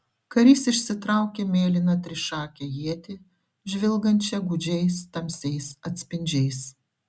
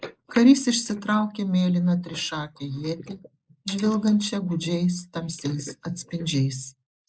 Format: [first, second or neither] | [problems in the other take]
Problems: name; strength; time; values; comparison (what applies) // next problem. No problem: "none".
first | noise reduction (neural mask model Resemble Enhance denoiser)